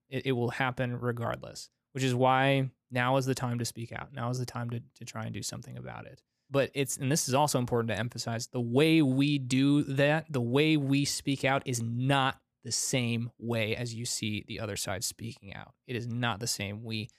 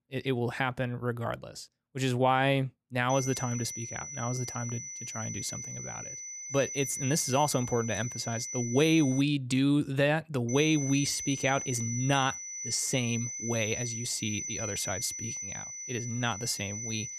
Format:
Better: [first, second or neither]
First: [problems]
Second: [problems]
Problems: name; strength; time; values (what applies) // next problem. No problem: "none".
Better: first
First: none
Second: high-pitched whine; loud; from 3 to 9 s and from 10 s on; 6 kHz, 6 dB below the speech